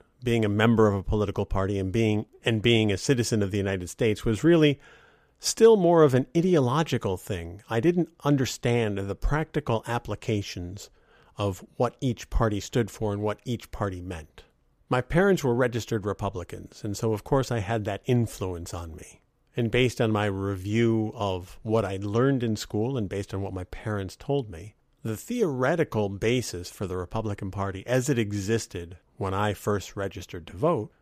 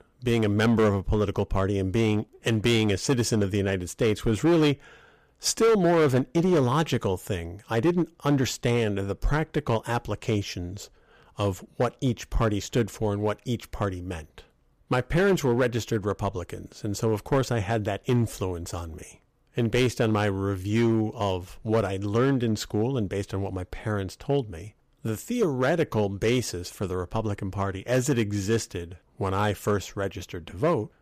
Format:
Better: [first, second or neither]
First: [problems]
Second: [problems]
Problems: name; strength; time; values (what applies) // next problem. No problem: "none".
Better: first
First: none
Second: distortion; slight; 5% of the sound clipped